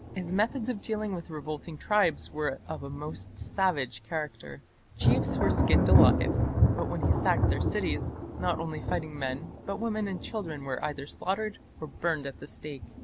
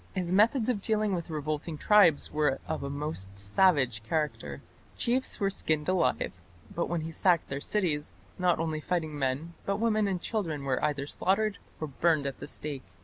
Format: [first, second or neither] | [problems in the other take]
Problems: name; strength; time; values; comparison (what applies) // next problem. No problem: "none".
second | background sound (Thunder); 2 dB above the speech